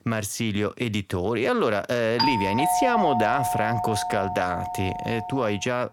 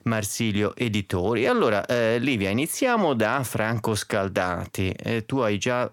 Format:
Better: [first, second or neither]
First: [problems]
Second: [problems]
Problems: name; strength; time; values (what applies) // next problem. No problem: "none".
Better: second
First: doorbell; loud; from 2 s on; peak 3 dB above the speech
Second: none